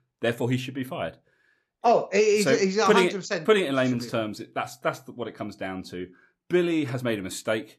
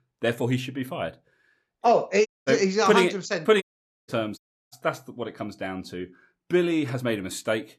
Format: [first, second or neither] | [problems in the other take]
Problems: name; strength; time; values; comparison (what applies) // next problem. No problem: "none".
first | audio cutting out; at 2.5 s, at 3.5 s and at 4.5 s